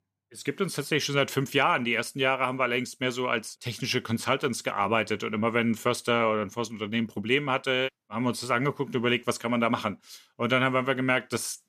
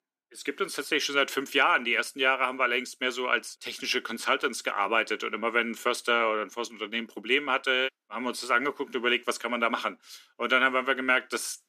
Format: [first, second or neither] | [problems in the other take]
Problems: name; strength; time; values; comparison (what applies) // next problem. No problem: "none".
first | thin; somewhat; fading below 300 Hz